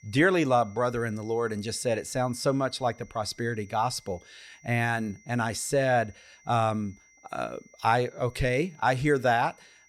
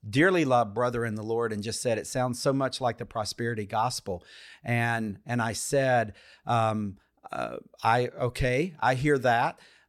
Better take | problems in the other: second | high-pitched whine; faint; throughout; 2 kHz, 30 dB below the speech

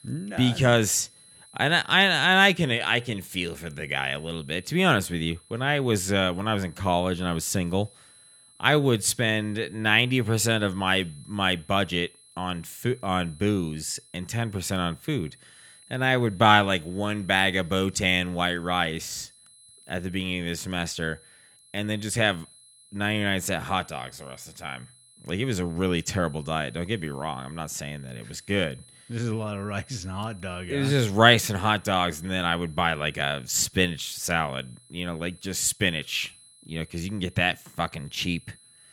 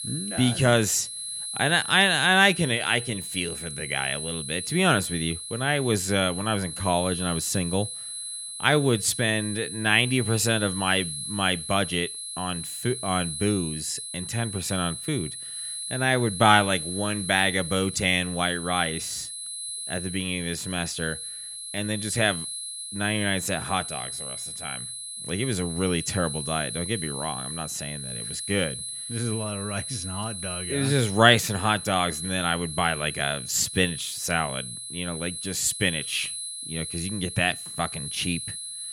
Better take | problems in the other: first | high-pitched whine; loud; throughout; 10.5 kHz, 7 dB below the speech; faint in the first

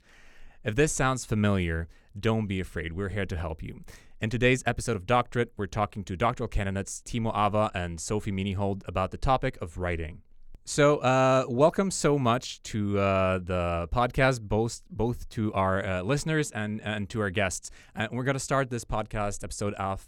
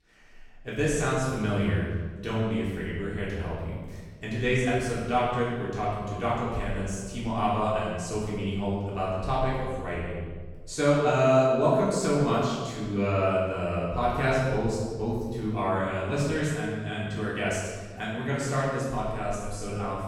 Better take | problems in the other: first | off-mic speech; far // room echo; strong; dies away in 1.2 s

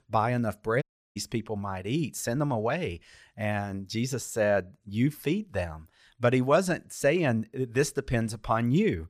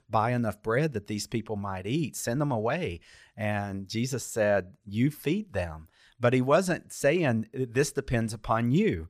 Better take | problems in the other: second | audio cutting out; at 1 s

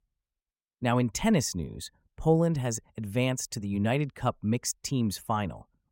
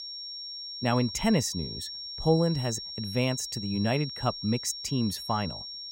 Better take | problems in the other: first | high-pitched whine; loud; throughout; 5.5 kHz, 7 dB below the speech

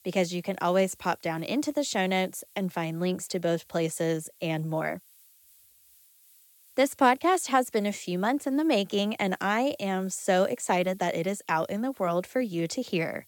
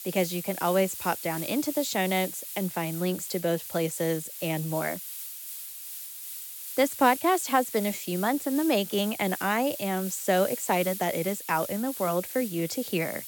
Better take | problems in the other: first | hiss; loud; throughout; 8 dB below the speech; faint in the first

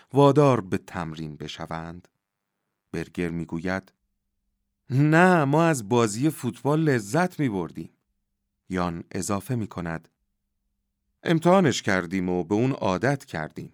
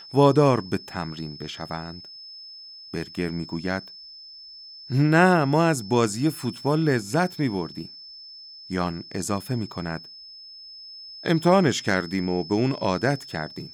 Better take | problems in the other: first | high-pitched whine; noticeable; throughout; 5 kHz, 15 dB below the speech

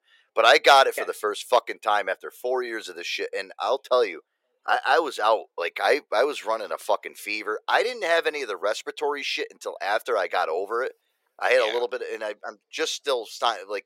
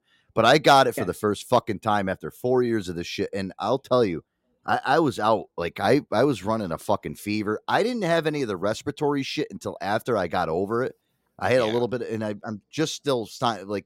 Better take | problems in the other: second | thin; very; fading below 450 Hz

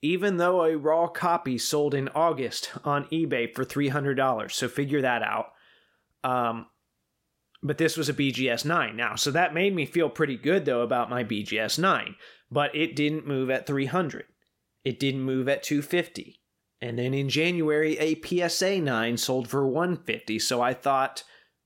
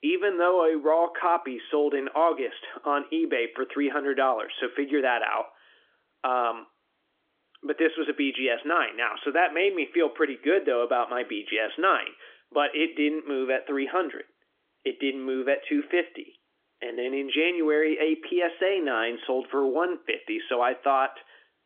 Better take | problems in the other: first | phone-call audio; nothing above 3.5 kHz

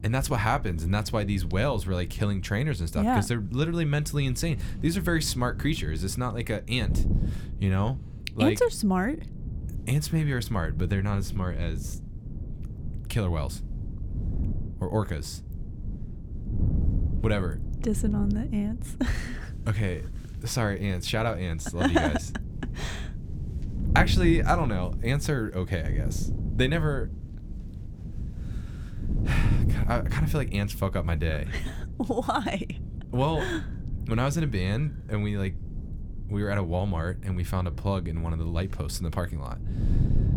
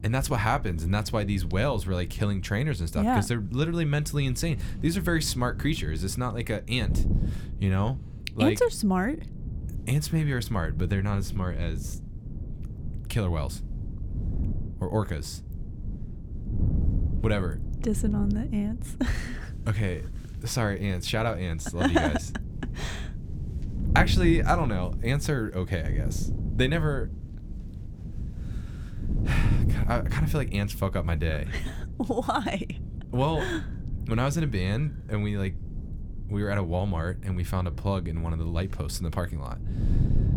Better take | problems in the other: neither | wind noise on the microphone; occasional gusts; 15 dB below the speech; the same in both

